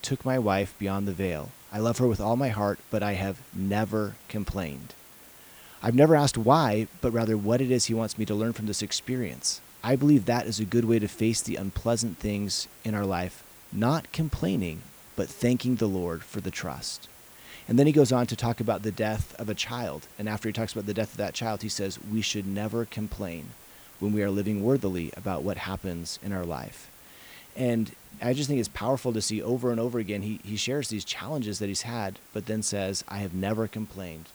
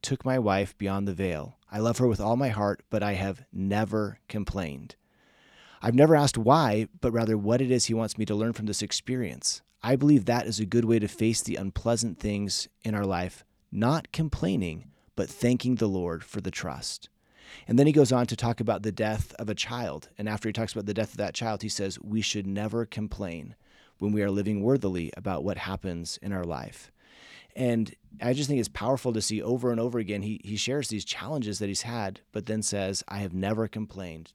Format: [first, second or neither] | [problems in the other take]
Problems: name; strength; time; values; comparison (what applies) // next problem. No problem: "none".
second | hiss; faint; throughout; 20 dB below the speech